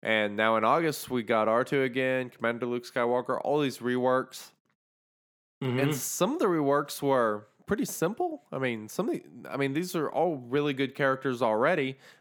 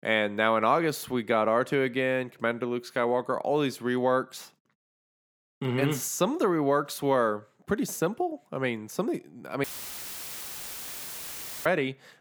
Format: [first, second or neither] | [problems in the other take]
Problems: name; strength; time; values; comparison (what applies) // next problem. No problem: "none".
first | audio cutting out; filled with static; at 9.5 s for 2 s